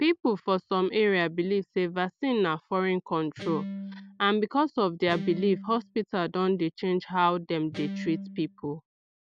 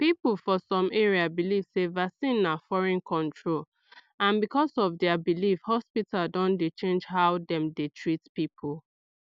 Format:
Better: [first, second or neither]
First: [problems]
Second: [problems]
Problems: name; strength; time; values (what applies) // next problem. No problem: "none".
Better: second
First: background sound (Guitar); 10 dB below the speech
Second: none